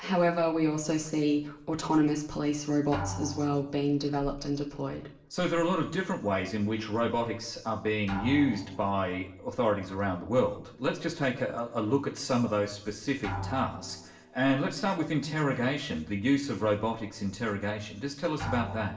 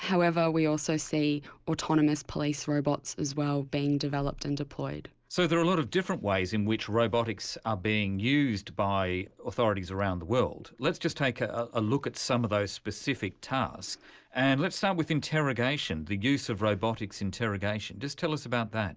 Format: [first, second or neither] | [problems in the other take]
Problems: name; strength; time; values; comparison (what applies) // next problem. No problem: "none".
second | background sound (Drum); 15 dB below the speech // room echo; dies away in 0.8 s